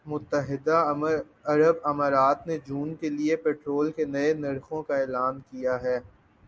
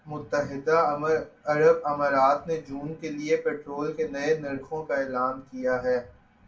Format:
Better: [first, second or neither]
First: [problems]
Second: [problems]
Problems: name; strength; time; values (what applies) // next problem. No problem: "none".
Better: first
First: none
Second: room echo; dies away in 0.3 s